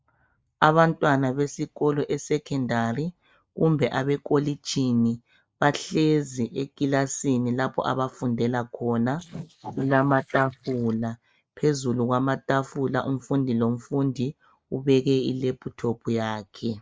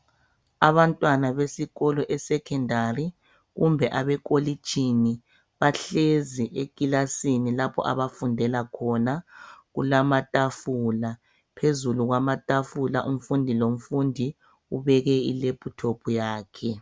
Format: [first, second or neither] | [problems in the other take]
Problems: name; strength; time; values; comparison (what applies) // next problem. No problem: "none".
second | noise reduction (neural mask model Resemble Enhance denoiser)